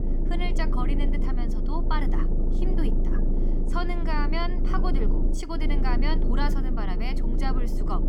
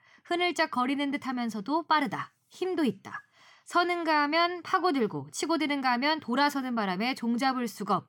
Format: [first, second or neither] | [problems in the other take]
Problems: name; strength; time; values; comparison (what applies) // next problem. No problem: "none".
second | low rumble; loud; throughout; 4 dB below the speech